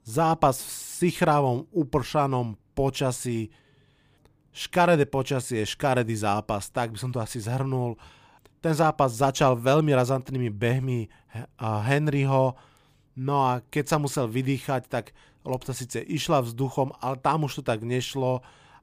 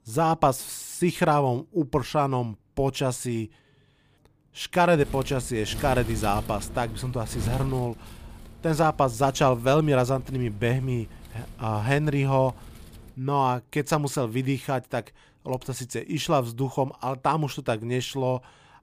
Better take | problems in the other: first | wind noise on the microphone; occasional gusts; from 5 to 13 s; 20 dB below the speech

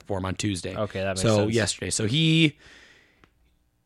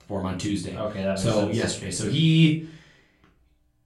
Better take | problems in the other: first | off-mic speech; far // room echo; slight; dies away in 0.3 s

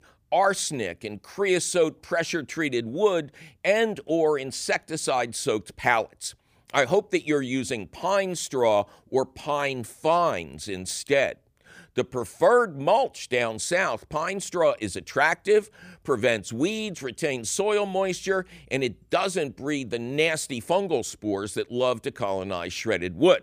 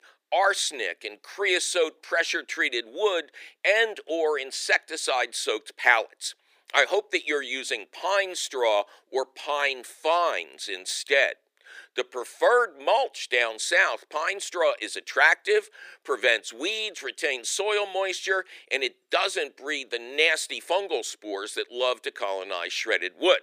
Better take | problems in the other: first | thin; very; fading below 350 Hz

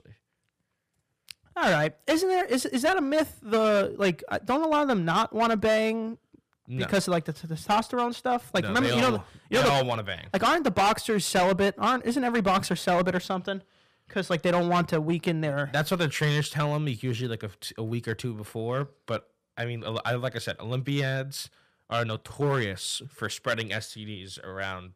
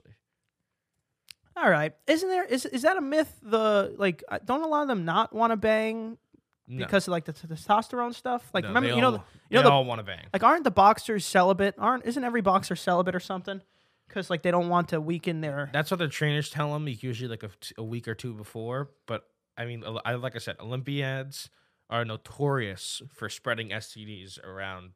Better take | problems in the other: second | distortion; heavy; 7% of the sound clipped

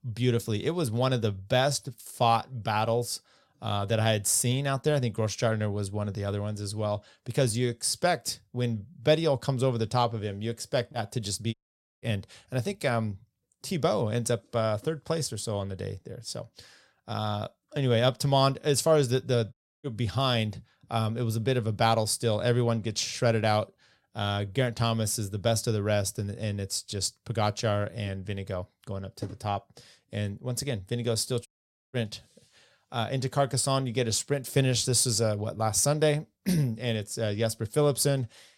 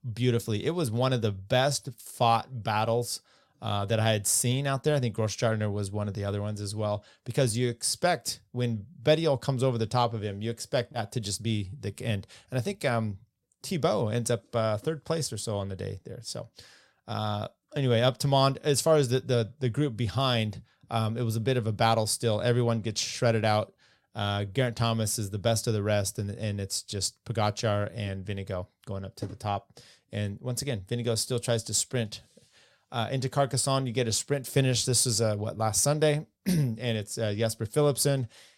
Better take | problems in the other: second | audio cutting out; at 12 s, at 20 s and at 31 s

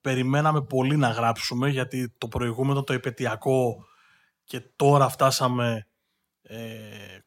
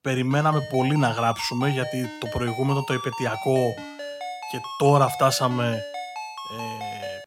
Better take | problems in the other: first | phone ringing; noticeable; peak 9 dB below the speech

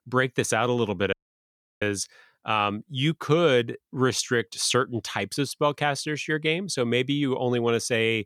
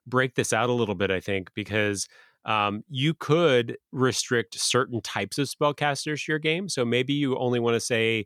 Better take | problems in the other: second | audio cutting out; at 1 s for 0.5 s

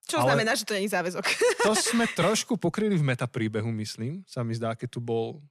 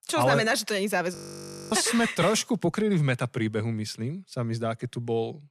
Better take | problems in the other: first | audio freezing; at 1 s for 0.5 s

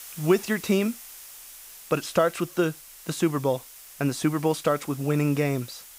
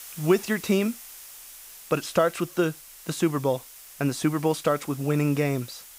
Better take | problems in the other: neither | hiss; noticeable; throughout; 15 dB below the speech; the same in both

